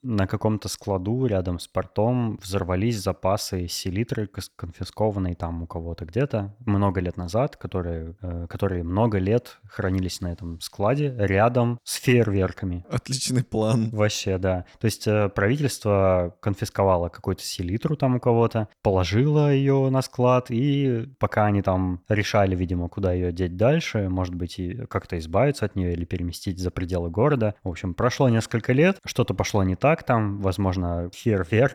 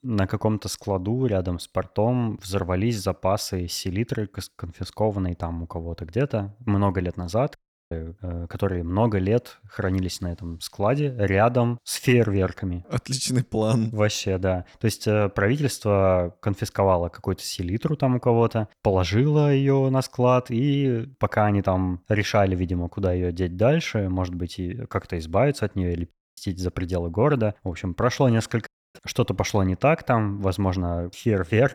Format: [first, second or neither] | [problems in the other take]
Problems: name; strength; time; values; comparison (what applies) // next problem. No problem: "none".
first | audio cutting out; at 7.5 s, at 26 s and at 29 s